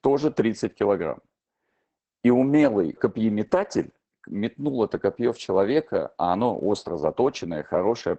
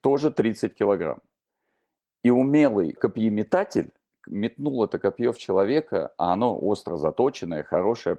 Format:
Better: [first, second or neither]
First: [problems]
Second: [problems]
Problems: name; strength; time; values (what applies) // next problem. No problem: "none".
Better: second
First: garbled, watery; badly; nothing above 8 kHz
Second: garbled, watery; slightly